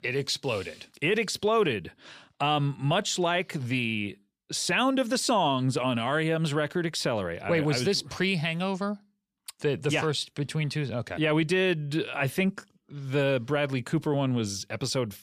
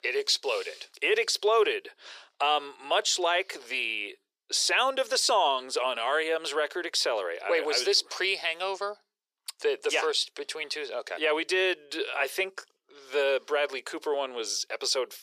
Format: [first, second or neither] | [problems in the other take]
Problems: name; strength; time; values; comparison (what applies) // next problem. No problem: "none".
first | thin; very; fading below 400 Hz